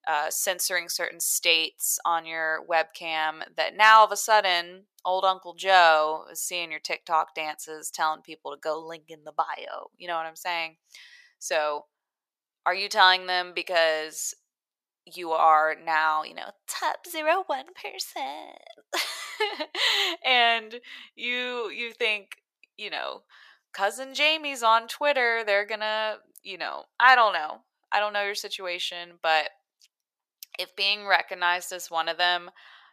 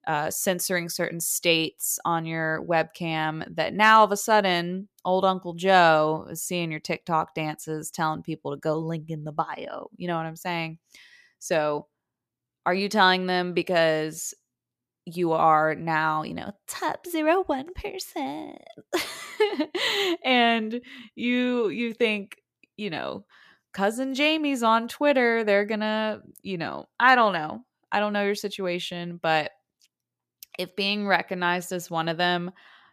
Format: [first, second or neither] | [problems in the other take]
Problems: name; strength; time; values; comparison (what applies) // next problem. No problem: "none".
second | thin; very; fading below 750 Hz